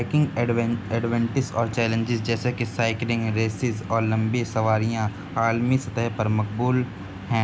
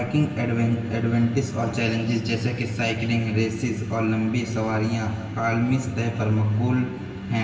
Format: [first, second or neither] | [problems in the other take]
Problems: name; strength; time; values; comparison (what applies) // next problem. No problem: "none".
first | room echo; dies away in 1.3 s